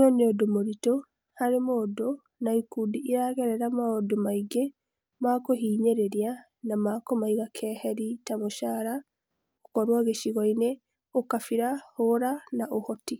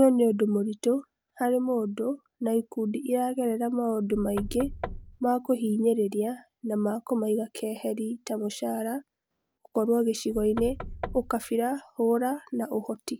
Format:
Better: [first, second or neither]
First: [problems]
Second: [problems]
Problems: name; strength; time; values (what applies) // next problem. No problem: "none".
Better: first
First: none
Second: background sound (Knock / Wood); 11 dB below the speech